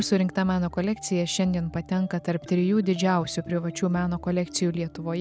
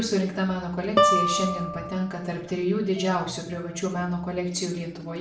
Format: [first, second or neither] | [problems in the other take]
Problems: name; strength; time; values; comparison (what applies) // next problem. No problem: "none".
first | background sound (Guitar); as loud as the speech // room echo; dies away in 0.5 s